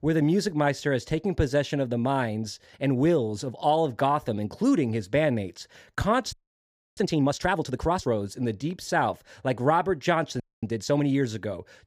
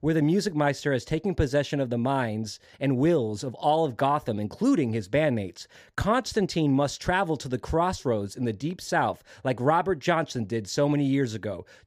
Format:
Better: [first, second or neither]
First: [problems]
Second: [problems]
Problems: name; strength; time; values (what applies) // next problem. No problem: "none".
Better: second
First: audio freezing; at 6.5 s for 0.5 s and at 10 s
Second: none